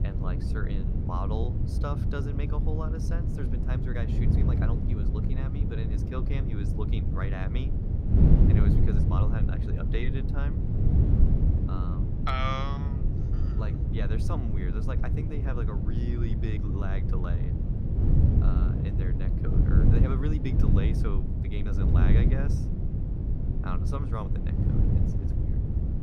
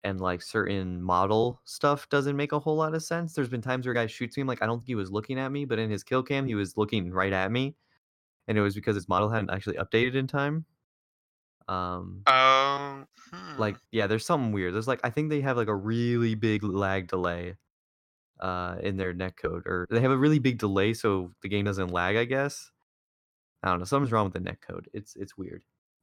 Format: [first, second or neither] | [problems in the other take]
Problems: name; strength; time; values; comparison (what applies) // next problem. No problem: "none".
second | wind noise on the microphone; heavy; as loud as the speech